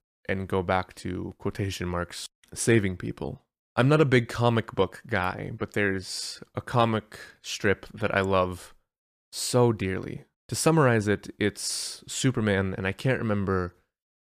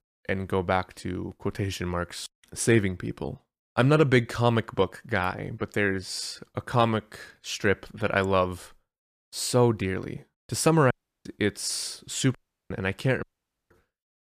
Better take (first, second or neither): first